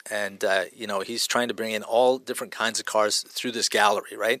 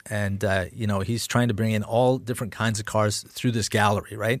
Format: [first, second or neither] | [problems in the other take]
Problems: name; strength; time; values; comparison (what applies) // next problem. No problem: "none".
second | thin; somewhat; fading below 350 Hz